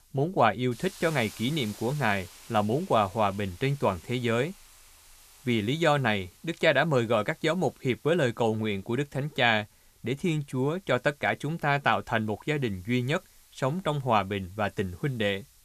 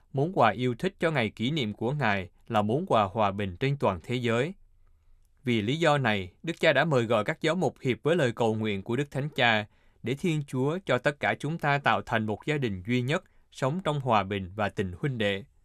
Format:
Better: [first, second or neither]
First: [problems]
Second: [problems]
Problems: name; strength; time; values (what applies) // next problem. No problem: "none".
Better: second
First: hiss; faint; throughout; 25 dB below the speech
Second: none